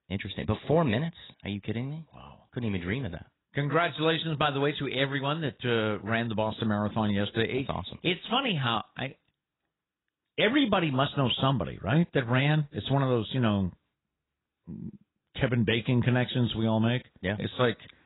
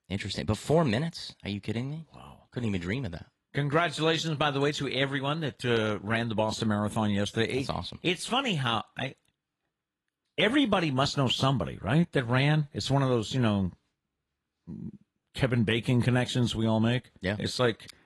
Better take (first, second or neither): second